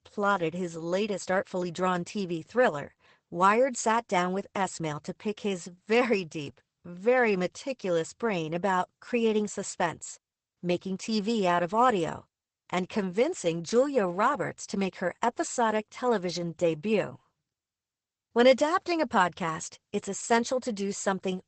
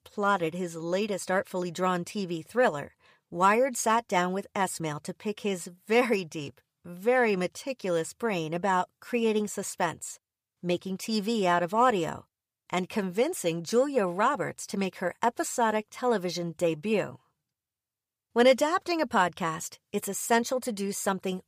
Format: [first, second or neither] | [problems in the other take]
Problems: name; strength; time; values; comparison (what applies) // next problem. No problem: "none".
second | garbled, watery; badly; nothing above 8 kHz